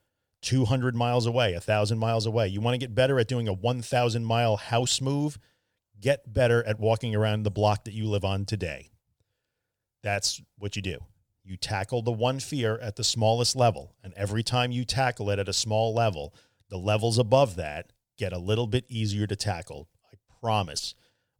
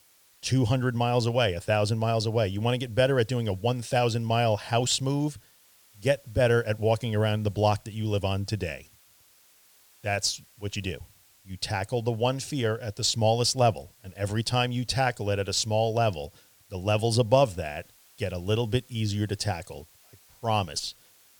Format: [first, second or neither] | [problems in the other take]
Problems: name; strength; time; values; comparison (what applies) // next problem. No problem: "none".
first | hiss; faint; throughout; 30 dB below the speech